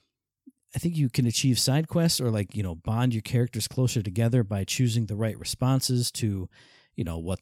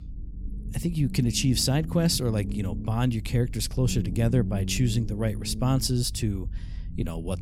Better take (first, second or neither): first